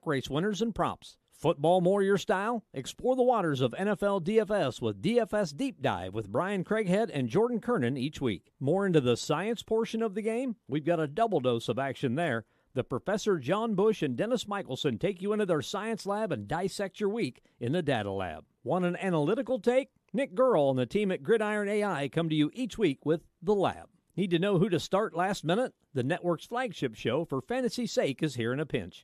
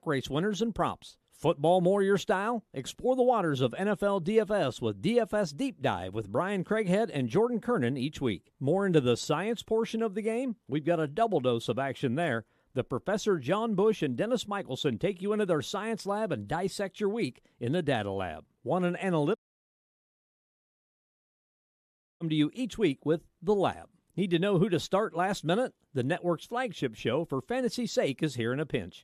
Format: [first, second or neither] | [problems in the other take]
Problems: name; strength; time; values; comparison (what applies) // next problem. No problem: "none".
first | audio cutting out; at 19 s for 3 s